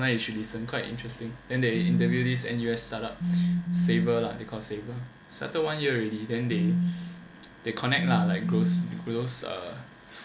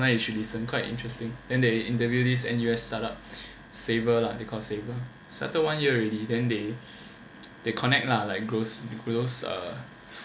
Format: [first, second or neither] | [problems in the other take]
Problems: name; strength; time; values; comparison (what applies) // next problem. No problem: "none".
second | background sound (Telephone); 2 dB above the speech